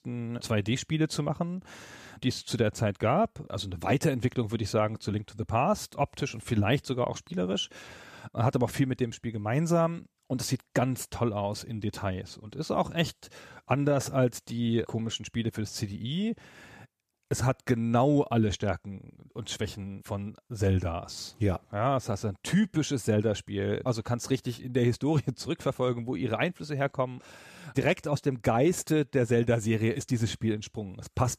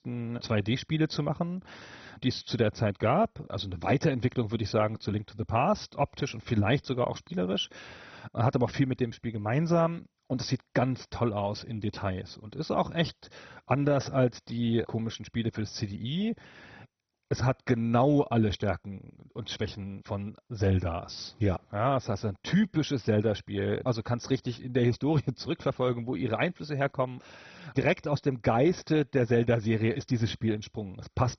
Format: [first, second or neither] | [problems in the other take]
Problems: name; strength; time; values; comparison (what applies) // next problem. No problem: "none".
first | garbled, watery; badly; nothing above 6 kHz